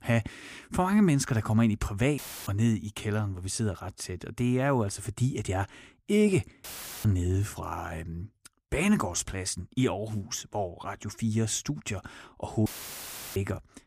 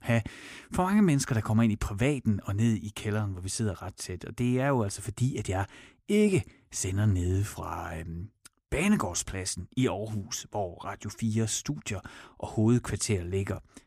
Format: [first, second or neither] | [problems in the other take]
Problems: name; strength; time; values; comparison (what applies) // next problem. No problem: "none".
second | audio cutting out; filled with static; at 2 s, at 6.5 s and at 13 s for 0.5 s